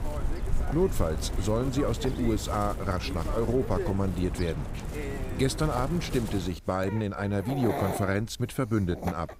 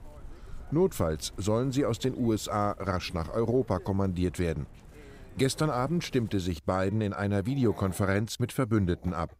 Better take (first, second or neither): second